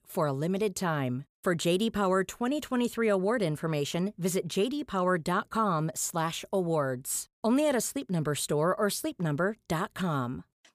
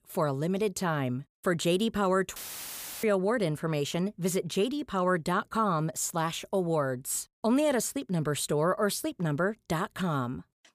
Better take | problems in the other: first | audio cutting out; filled with static; at 2.5 s for 0.5 s

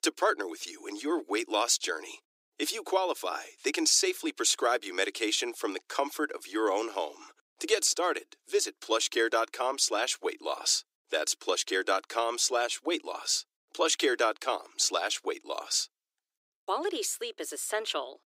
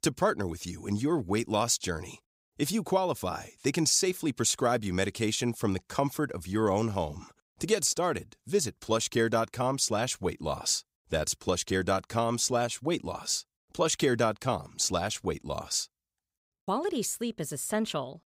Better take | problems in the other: second | thin; very; fading below 300 Hz

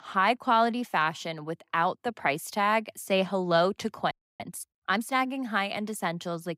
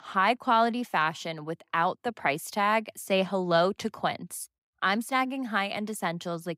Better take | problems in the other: second | audio freezing; at 4 s

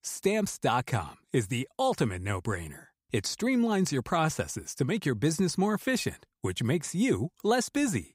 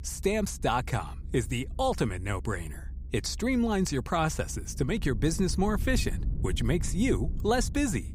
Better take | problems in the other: first | low rumble; faint; throughout; 20 dB below the speech

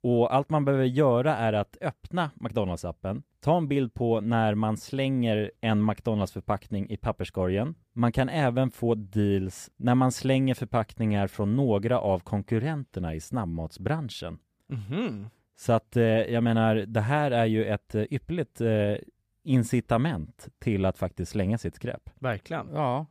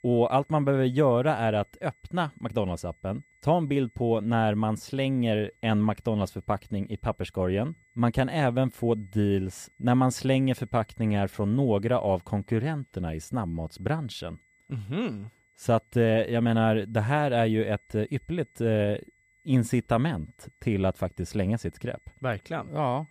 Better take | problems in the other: first | high-pitched whine; faint; throughout; 2 kHz, 35 dB below the speech

